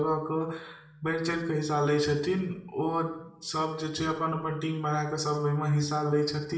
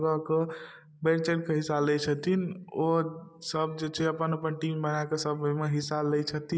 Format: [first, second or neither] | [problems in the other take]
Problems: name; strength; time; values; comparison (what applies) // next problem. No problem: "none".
second | room echo; dies away in 0.6 s